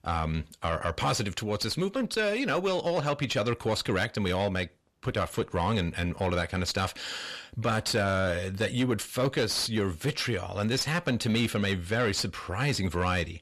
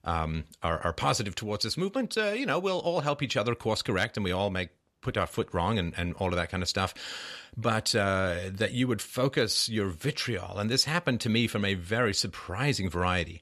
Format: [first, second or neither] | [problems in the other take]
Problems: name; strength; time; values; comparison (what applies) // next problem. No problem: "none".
second | distortion; slight; 10 dB below the speech